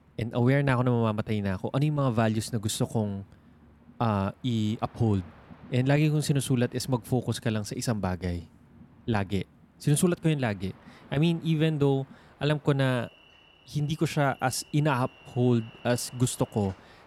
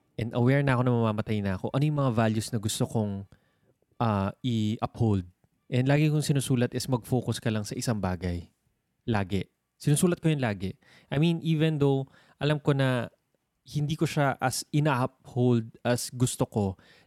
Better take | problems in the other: second | train or aircraft noise; faint; throughout; 25 dB below the speech

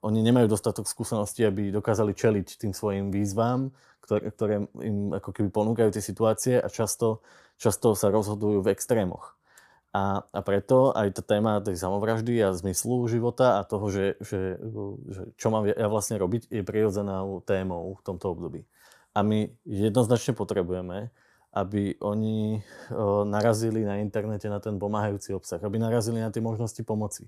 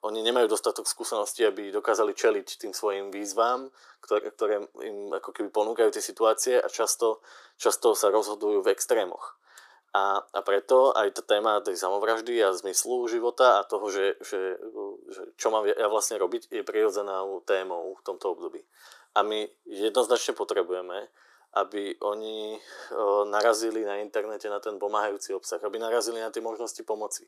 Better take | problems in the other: first | thin; very; fading below 350 Hz

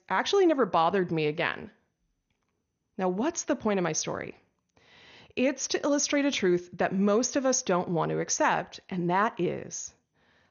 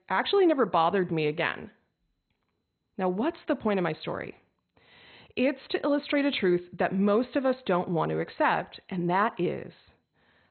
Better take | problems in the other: first | garbled, watery; badly; nothing above 4 kHz; slightly in the first

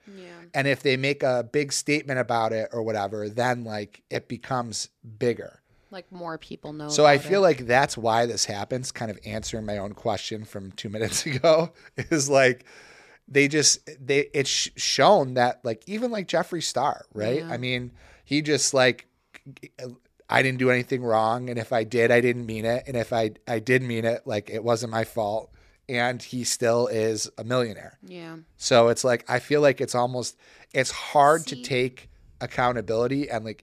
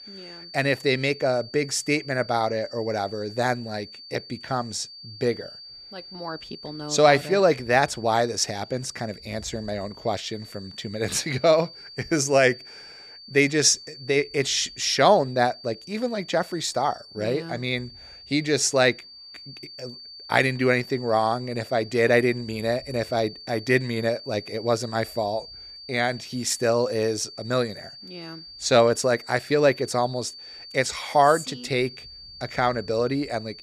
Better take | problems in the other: first | high-pitched whine; noticeable; throughout; 4.5 kHz, 15 dB below the speech

